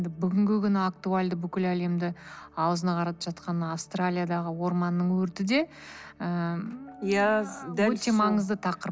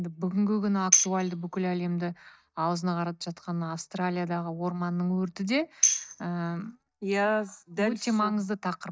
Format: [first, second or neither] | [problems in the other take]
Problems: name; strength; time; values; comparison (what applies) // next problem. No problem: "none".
first | noise reduction (neural mask model DeepFilterNet 3)